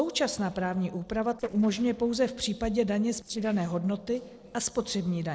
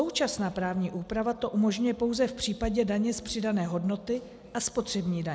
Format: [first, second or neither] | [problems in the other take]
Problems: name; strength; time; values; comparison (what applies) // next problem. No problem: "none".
second | noise reduction (neural separator model SepFormer DNS4)